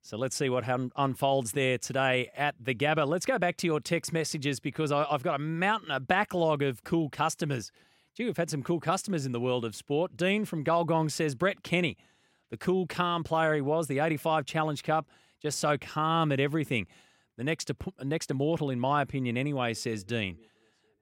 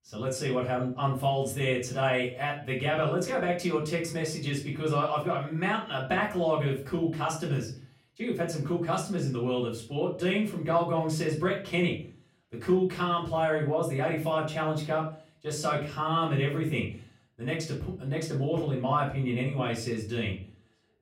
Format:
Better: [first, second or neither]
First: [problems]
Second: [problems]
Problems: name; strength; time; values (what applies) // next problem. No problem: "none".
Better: first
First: none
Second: off-mic speech; far // room echo; slight; dies away in 0.4 s